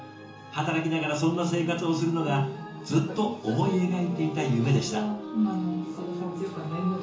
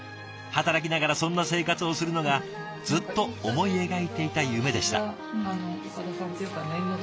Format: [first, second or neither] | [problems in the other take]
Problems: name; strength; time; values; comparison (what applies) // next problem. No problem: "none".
second | room echo; dies away in 0.7 s